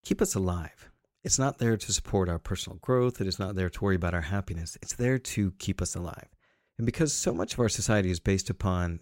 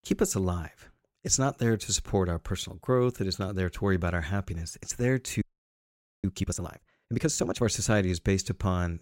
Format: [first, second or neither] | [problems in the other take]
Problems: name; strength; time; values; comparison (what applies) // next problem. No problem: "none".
first | audio freezing; at 5.5 s for 1 s